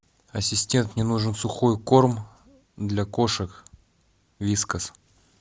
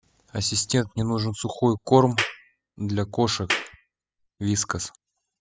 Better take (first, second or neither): first